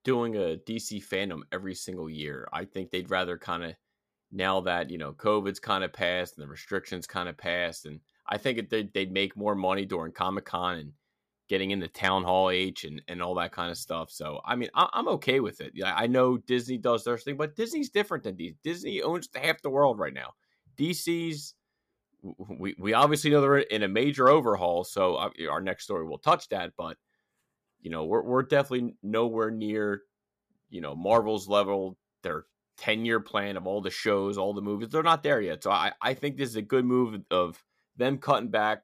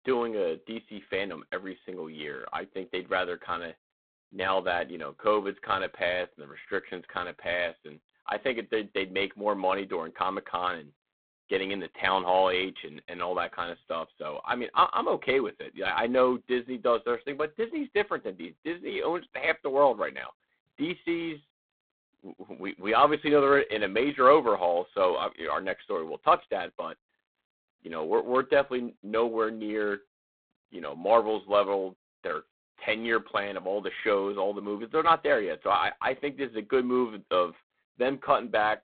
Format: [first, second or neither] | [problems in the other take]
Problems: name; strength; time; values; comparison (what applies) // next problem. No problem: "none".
first | phone-call audio; poor line; nothing above 3.5 kHz